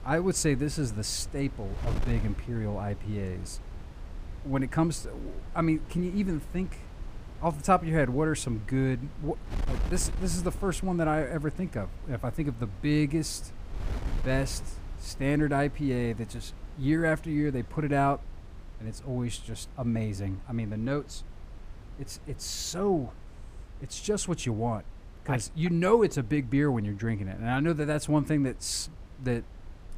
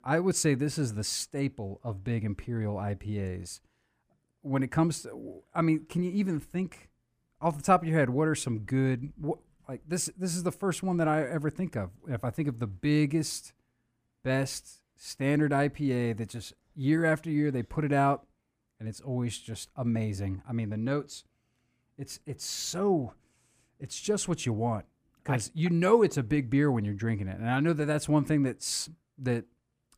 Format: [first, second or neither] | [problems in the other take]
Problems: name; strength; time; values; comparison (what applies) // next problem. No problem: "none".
second | wind noise on the microphone; occasional gusts; 20 dB below the speech